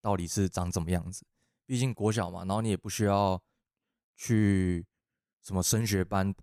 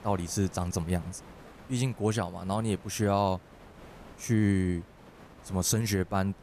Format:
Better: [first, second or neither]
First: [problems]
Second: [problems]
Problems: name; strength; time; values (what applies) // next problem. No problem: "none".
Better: first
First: none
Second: hiss; faint; throughout; 20 dB below the speech